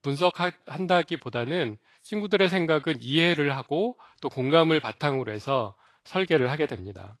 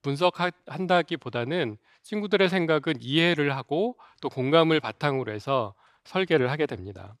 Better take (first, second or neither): second